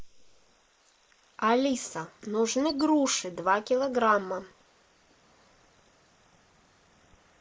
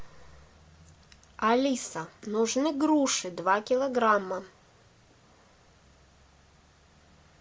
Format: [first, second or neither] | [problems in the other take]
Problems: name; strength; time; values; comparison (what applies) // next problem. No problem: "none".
second | noise reduction (neural mask model Resemble Enhance denoiser)